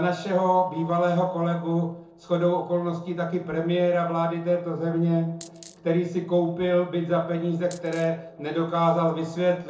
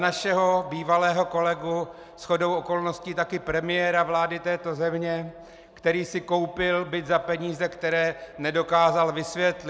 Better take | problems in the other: second | noise reduction (neural separator model SepFormer DNS4)

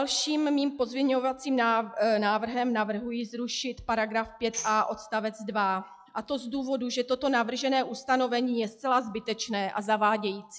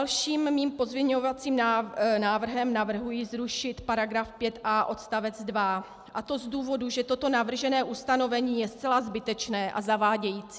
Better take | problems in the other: second | noise reduction (classical method log-MMSE)

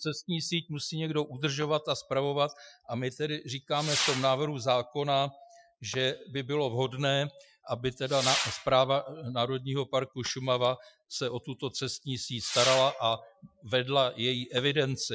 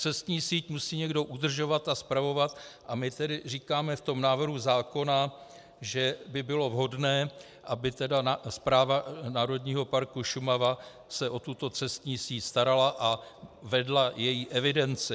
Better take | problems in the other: second | noise reduction (classical method Wiener filter)

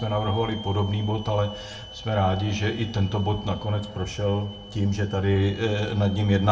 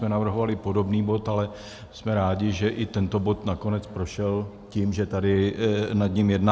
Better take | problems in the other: second | background sound (Hiss / Alarm); 19 dB below the speech // room echo; dies away in 0.4 s

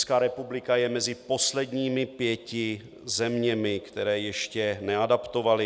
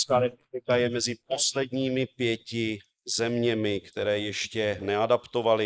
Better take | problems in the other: first | noise reduction (neural mask model Resemble Enhance denoiser)

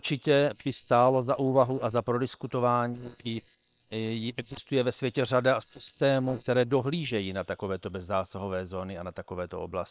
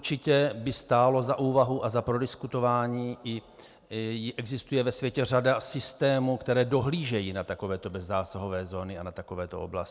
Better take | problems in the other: second | noise reduction (neural separator model SepFormer WHAM!)

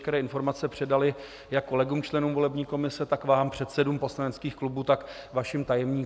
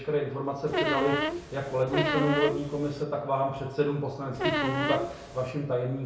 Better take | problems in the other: first | background sound (Squeak); 1 dB below the speech // room echo; dies away in 0.6 s

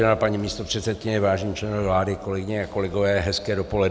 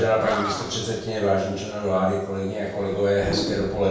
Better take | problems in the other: first | background sound (Animal); 10 dB below the speech // room echo; dies away in 0.7 s

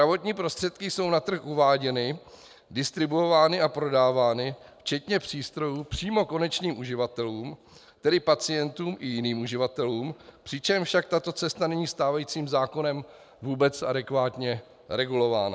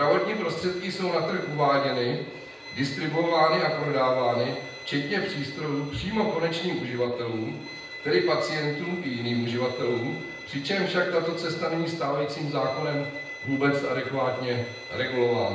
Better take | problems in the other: first | background sound (Bowed string instrument); 13 dB below the speech // room echo; dies away in 0.9 s

